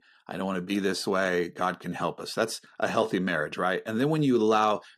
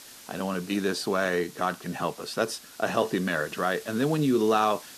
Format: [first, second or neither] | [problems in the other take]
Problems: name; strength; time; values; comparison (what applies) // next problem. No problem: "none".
first | hiss; noticeable; throughout; 20 dB below the speech